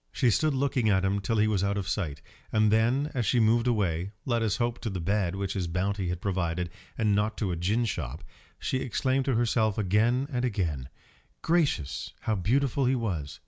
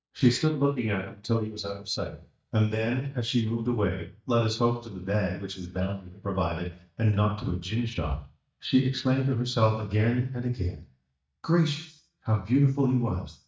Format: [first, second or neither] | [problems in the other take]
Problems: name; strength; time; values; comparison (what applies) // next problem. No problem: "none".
first | noise reduction (neural mask model DeepFilterNet 3)